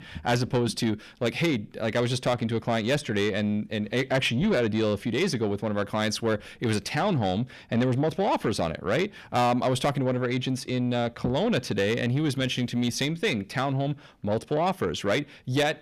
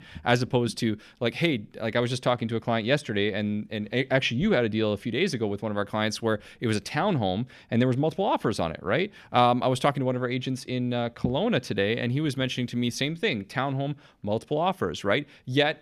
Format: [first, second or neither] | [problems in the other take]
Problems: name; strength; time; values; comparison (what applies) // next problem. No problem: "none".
second | distortion; slight; 10 dB below the speech